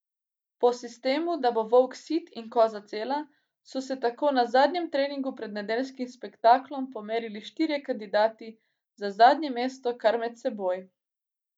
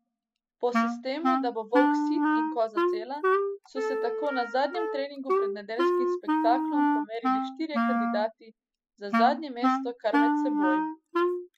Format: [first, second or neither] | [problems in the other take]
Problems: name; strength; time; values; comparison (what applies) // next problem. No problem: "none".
first | noise reduction (classical method spectral subtraction)